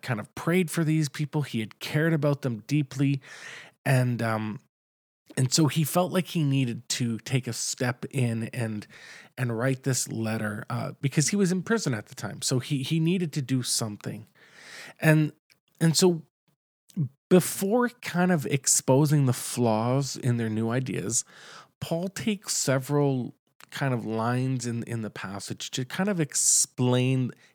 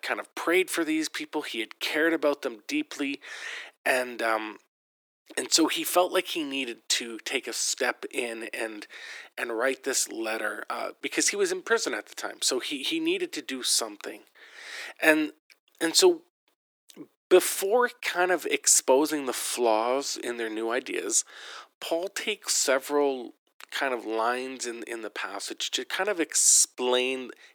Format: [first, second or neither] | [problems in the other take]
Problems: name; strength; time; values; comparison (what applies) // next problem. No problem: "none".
first | thin; very; fading below 300 Hz